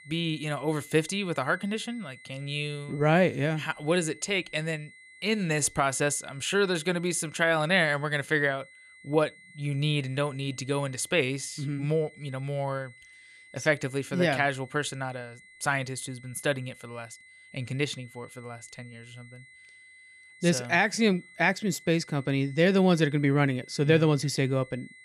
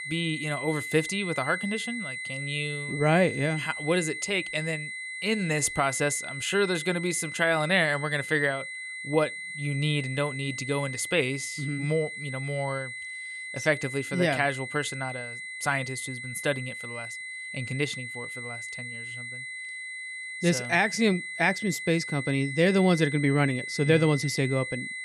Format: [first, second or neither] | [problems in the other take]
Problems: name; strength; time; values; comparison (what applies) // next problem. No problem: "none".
first | high-pitched whine; loud; throughout; 2 kHz, 7 dB below the speech; faint in the first